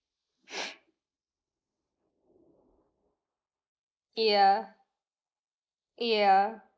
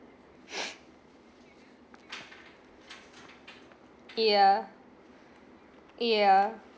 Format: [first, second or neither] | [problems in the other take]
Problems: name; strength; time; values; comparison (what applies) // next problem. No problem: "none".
second | noise reduction (neural mask model Resemble Enhance denoiser)